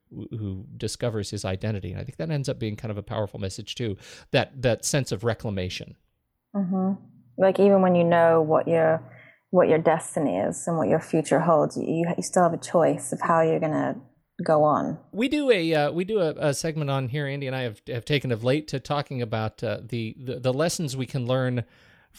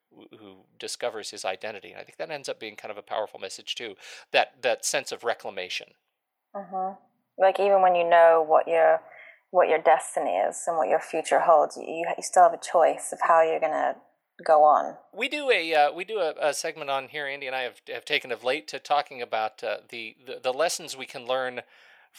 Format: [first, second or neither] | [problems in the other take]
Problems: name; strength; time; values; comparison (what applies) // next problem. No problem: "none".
first | thin; very; fading below 650 Hz